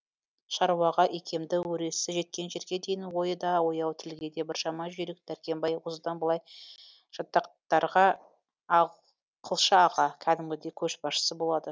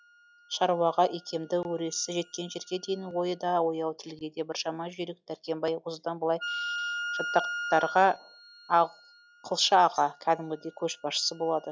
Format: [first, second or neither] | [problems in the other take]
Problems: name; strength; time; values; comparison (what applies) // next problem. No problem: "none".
first | noise reduction (classical method log-MMSE)